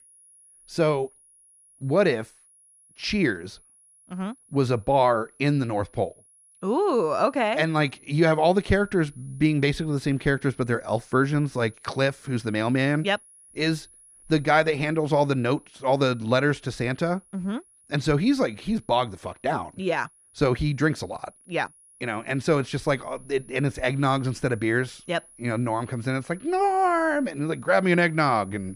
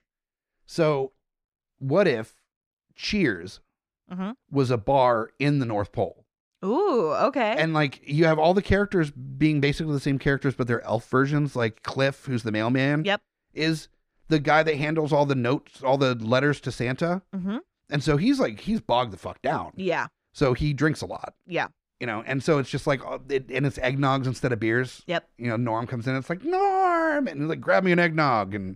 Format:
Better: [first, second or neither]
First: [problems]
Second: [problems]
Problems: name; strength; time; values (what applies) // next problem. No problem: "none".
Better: second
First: high-pitched whine; faint; throughout; 10.5 kHz, 25 dB below the speech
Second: none